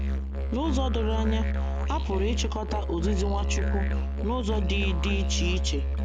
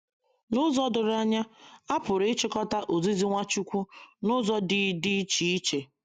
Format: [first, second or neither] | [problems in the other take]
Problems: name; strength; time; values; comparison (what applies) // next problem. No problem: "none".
second | background sound (Musical instrument); 5 dB above the speech